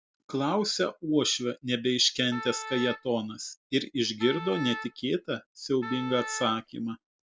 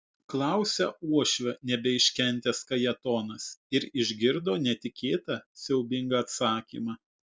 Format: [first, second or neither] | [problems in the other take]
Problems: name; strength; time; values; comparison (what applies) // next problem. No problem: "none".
second | background sound (Wind instrument, woodwind instrument); 11 dB below the speech